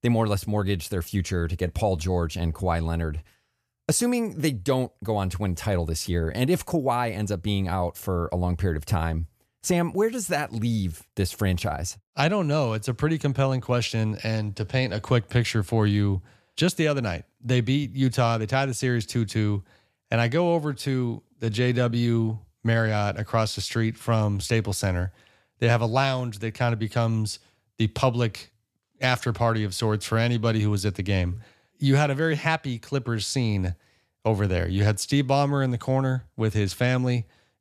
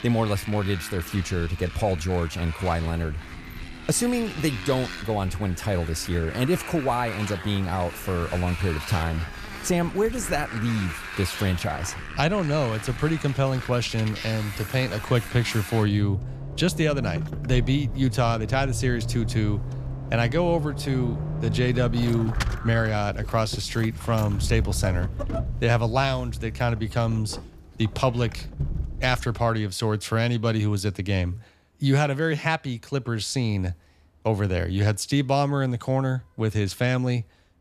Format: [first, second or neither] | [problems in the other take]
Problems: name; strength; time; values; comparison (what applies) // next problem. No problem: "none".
first | traffic noise; loud; throughout; 8 dB below the speech